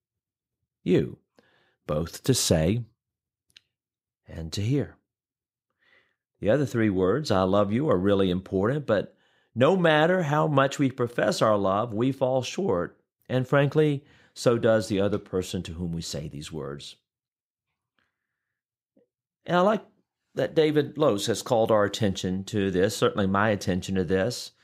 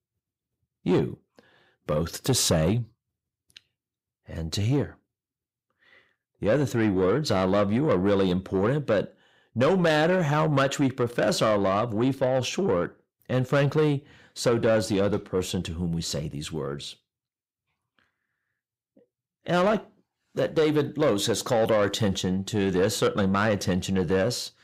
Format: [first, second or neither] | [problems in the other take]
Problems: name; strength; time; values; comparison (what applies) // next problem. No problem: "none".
first | distortion; slight; 10 dB below the speech